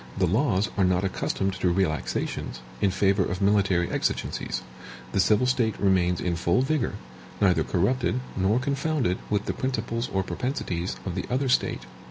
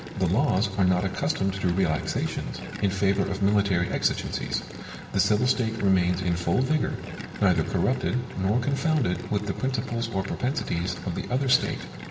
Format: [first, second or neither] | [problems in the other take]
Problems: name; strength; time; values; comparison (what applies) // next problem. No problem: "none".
first | background sound (Gurgling); 16 dB below the speech // room echo; dies away in 1.9 s